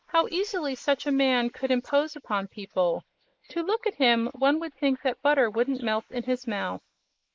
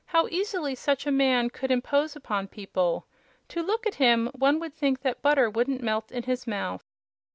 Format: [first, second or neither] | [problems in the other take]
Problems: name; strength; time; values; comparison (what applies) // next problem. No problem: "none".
second | noise reduction (neural mask model Resemble Enhance denoiser)